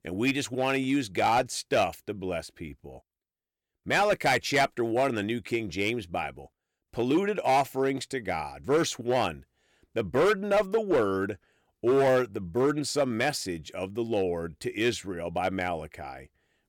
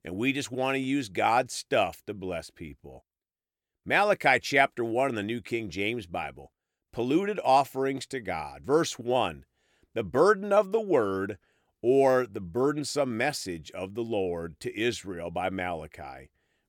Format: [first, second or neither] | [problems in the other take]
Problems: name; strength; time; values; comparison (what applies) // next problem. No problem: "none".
second | distortion; slight; 4% of the sound clipped